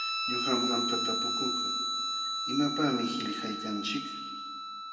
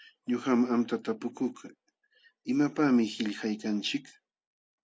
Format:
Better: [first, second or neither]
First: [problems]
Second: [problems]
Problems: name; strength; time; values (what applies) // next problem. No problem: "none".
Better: second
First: background sound (Guitar); 1 dB above the speech // room echo; dies away in 1.6 s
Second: none